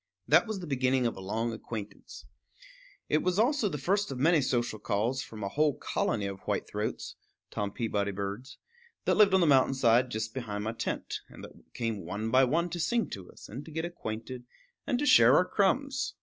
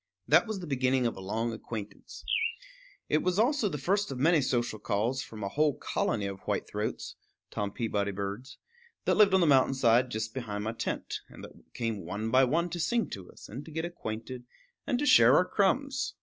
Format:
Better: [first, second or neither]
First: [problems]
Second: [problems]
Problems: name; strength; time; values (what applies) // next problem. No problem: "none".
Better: first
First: none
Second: background sound (Bird); 8 dB below the speech